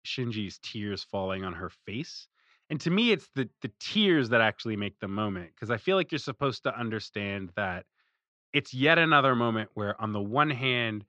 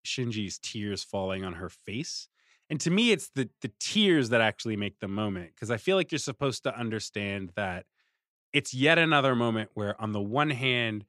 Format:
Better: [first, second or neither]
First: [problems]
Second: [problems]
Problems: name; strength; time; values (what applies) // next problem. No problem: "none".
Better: second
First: muffled; very slightly; fading above 4.5 kHz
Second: none